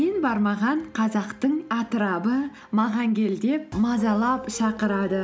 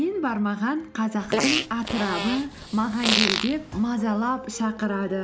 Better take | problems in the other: first | background sound (Fart); 2 dB below the speech

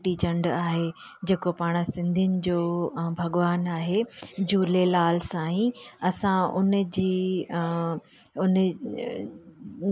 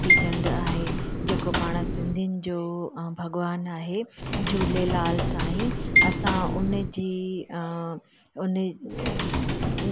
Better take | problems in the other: first | background sound (Computer keyboard + Marimba, xylophone); 2 dB above the speech

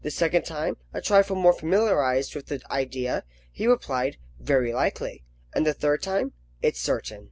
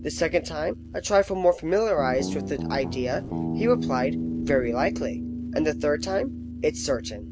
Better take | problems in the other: first | background sound (Guitar); 6 dB below the speech

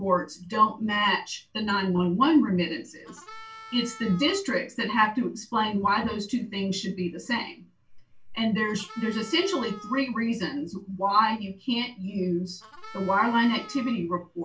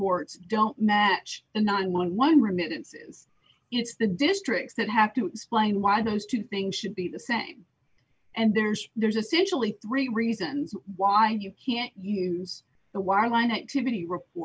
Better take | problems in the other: second | background sound (Harmonica); 18 dB below the speech // room echo; dies away in 0.2 s

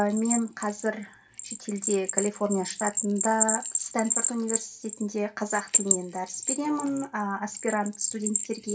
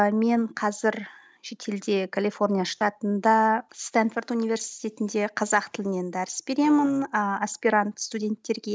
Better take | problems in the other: second | background sound (Bell); 1 dB below the speech // room echo; dies away in 0.2 s

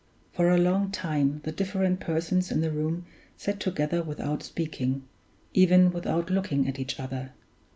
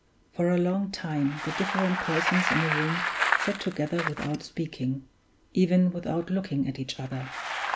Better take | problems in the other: first | background sound (Bicycle); 4 dB below the speech

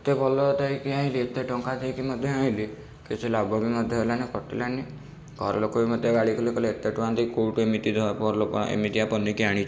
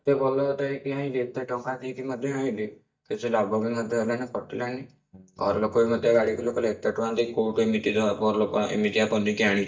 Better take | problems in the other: first | noise reduction (neural mask model DeepFilterNet 3)

